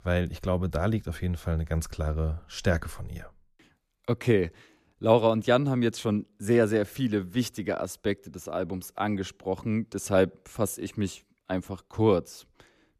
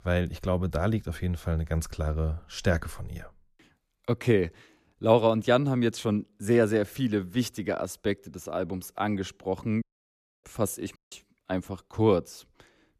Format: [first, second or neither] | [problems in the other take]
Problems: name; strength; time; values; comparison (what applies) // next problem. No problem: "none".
first | audio cutting out; at 10 s for 0.5 s and at 11 s